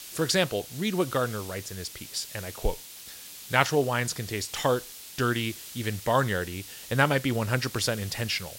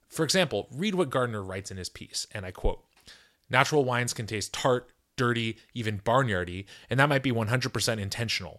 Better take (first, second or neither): second